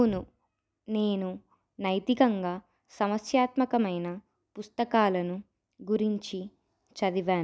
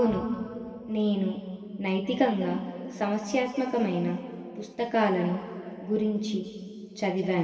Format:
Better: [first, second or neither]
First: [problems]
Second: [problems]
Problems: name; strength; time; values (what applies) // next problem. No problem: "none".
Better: first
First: none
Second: room echo; dies away in 2.5 s